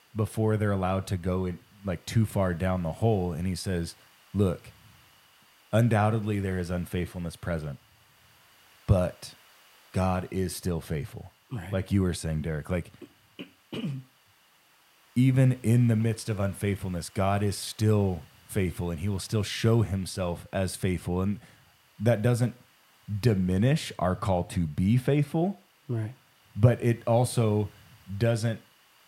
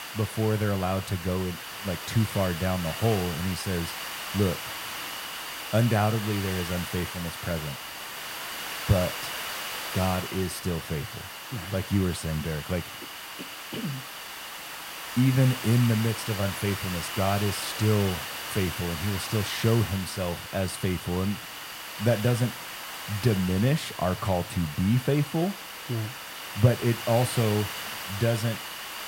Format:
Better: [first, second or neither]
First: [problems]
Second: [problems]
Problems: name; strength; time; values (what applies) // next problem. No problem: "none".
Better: first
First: hiss; faint; throughout; 30 dB below the speech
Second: hiss; loud; throughout; 7 dB below the speech